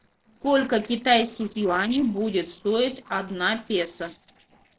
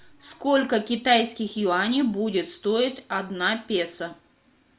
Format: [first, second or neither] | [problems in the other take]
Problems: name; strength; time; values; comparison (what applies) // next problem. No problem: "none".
second | noise reduction (neural separator model SepFormer DNS4)